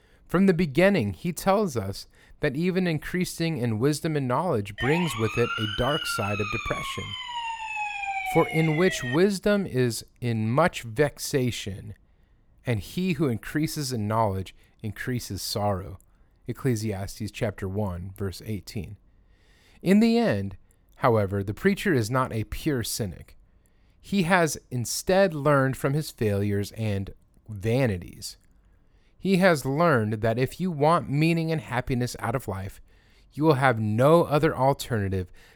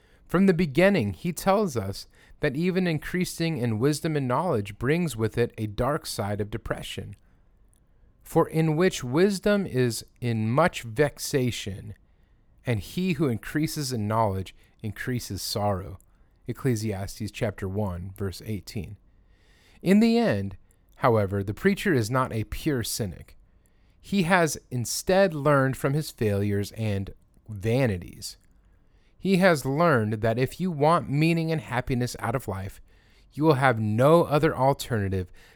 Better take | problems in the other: second | siren; noticeable; from 5 to 9 s; peak 3 dB below the speech

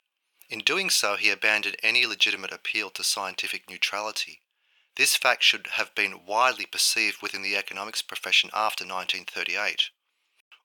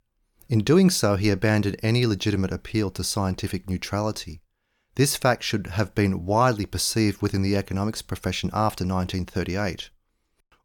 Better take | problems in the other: second | thin; very; fading below 850 Hz

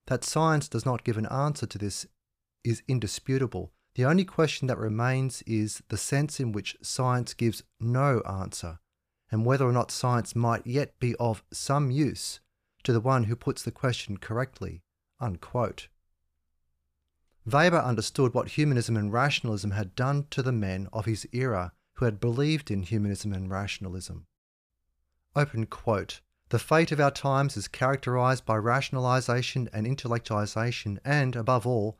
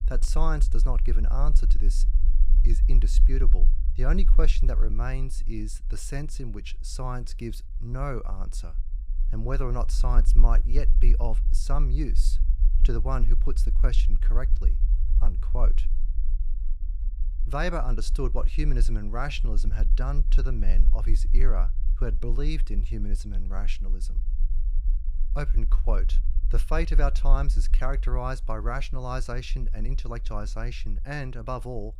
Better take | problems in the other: first | low rumble; noticeable; throughout; 15 dB below the speech

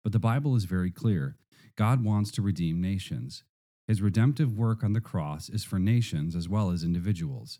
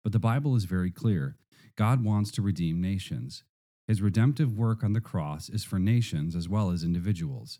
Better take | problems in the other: neither | none

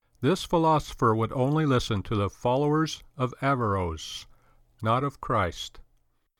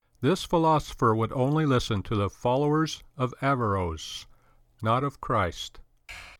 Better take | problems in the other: first | keyboard typing; faint; at 6 s; peak 15 dB below the speech

